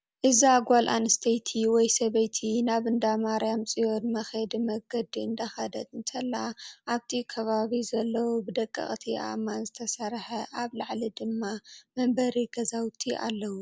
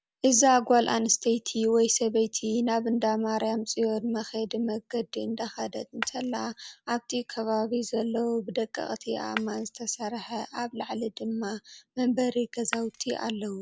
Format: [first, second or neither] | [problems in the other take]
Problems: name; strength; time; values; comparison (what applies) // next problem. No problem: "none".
first | background sound (Shatter); 12 dB below the speech